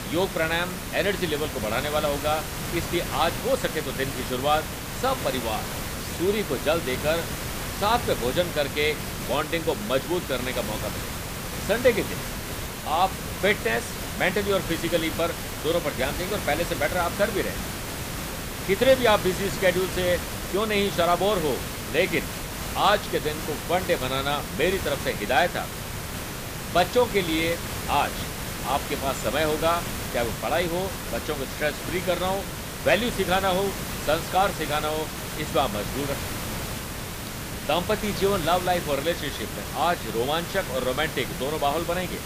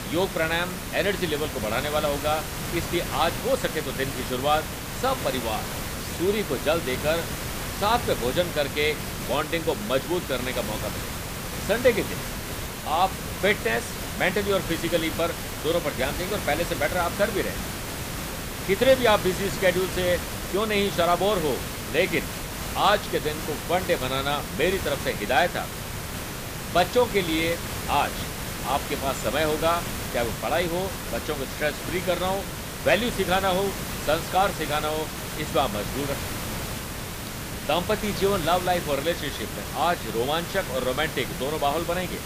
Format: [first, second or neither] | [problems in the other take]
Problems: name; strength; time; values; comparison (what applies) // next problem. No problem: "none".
neither | hiss; loud; throughout; 5 dB below the speech; the same in both